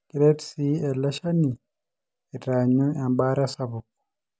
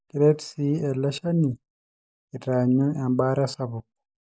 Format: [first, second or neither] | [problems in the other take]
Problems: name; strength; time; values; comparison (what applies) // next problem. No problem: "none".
first | noise reduction (neural mask model Resemble Enhance denoiser)